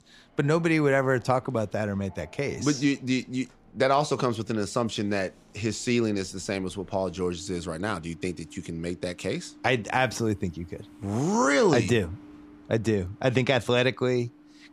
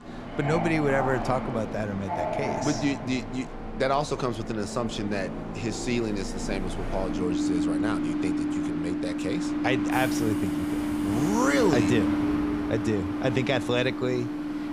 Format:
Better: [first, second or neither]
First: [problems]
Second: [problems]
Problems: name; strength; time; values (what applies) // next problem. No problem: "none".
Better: first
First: train or aircraft noise; faint; throughout; 25 dB below the speech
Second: train or aircraft noise; loud; throughout; 1 dB below the speech